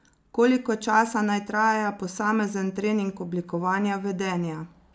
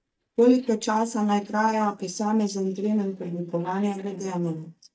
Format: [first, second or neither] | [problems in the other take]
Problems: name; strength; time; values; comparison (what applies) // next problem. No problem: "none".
first | noise reduction (neural mask model DeepFilterNet 3)